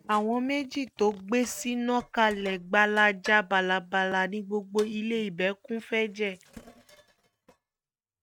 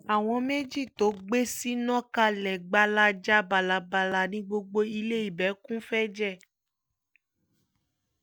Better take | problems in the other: second | noise reduction (neural mask model RNNoise)

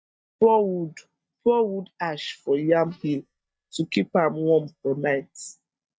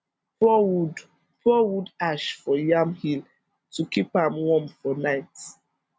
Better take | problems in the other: second | noise reduction (neural mask model DeepFilterNet 3)

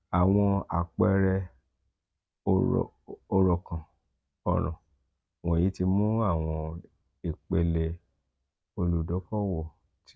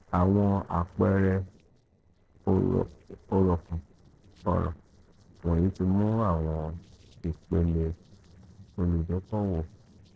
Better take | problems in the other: first | noise reduction (neural separator model SepFormer DNS4)

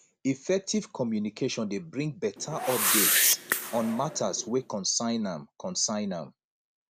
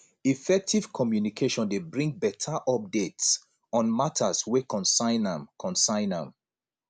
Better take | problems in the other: second | background sound (Whoosh, swoosh, swish); 1 dB above the speech

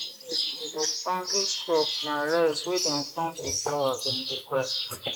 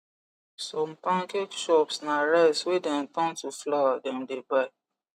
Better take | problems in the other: second | noise reduction (neural mask model Resemble Enhance denoiser)

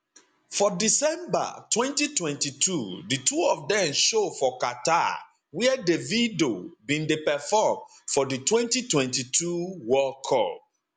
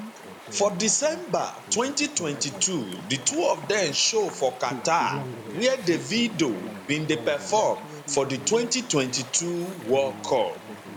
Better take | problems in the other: first | background sound (Chatter / Stream); 13 dB below the speech

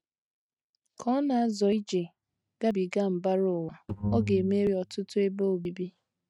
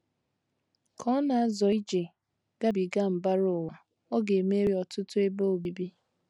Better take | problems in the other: second | noise reduction (neural mask model RNNoise)

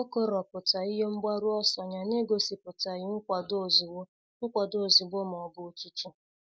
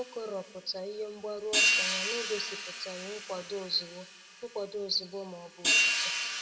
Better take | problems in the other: first | background sound (Hi-hat); 5 dB above the speech // room echo; dies away in 1 s

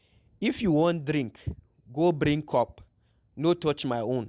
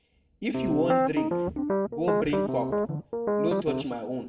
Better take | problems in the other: first | background sound (Piano); 4 dB above the speech // room echo; dies away in 0.6 s

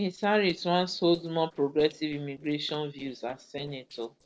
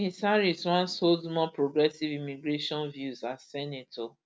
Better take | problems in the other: second | noise reduction (neural separator model SepFormer DNS4)

